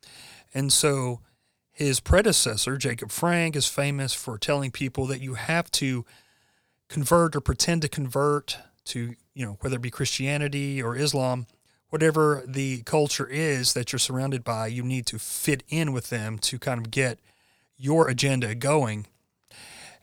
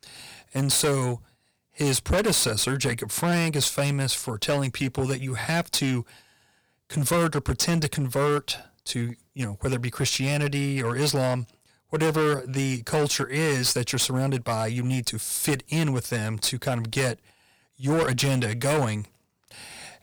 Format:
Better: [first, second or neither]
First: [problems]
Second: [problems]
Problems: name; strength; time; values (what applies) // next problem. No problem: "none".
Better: first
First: none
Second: distortion; heavy; 10% of the sound clipped